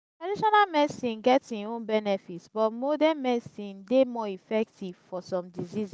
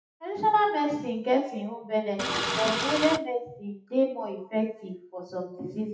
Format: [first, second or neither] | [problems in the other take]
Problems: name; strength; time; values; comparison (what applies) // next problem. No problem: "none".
first | noise reduction (classical method WPE with log-MMSE)